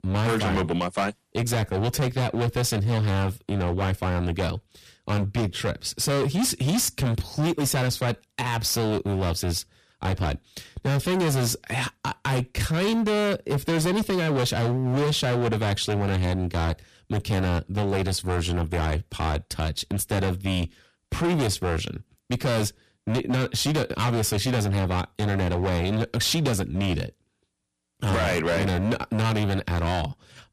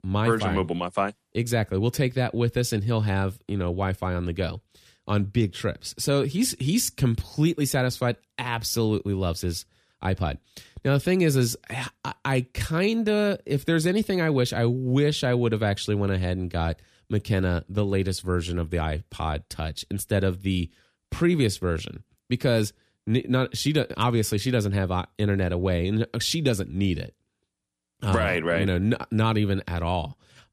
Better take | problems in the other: second | distortion; heavy; 22% of the sound clipped

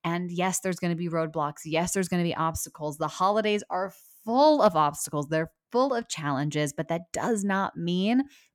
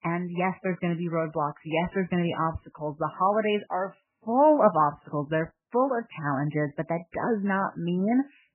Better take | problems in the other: first | garbled, watery; badly; nothing above 3 kHz

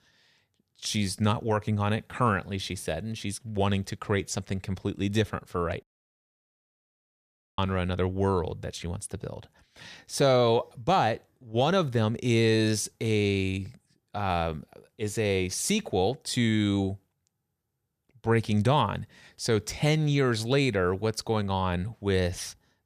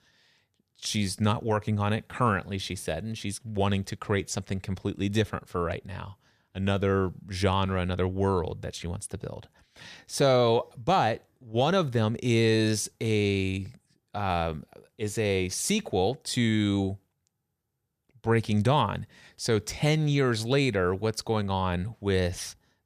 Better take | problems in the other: second | audio cutting out; at 6 s for 2 s

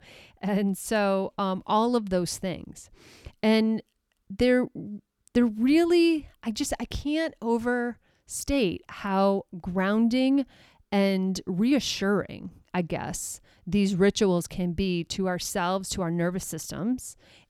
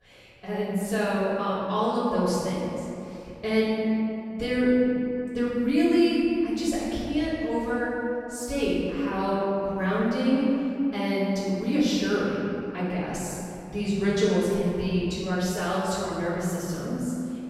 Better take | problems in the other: first | off-mic speech; far // room echo; strong; dies away in 2.5 s

